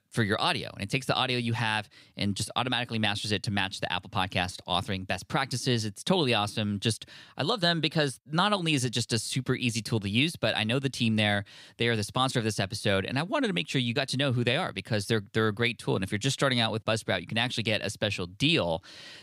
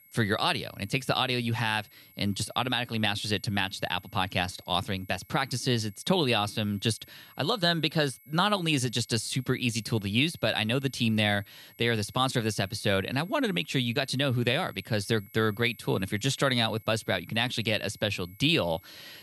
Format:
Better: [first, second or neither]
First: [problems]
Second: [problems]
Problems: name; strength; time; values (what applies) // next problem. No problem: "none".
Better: first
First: none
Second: high-pitched whine; faint; throughout; 11.5 kHz, 25 dB below the speech